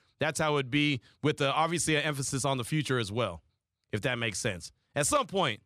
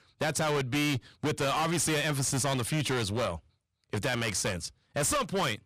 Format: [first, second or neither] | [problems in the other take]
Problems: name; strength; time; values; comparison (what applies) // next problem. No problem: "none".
first | distortion; heavy; 24% of the sound clipped